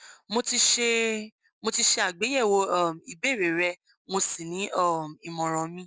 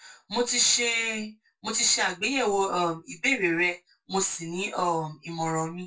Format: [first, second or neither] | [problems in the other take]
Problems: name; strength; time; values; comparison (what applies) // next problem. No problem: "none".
first | room echo; dies away in 0.2 s